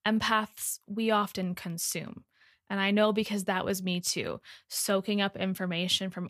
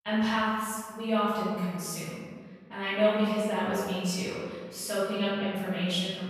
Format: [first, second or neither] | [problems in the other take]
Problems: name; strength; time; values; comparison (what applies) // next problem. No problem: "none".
first | off-mic speech; far // room echo; strong; dies away in 1.6 s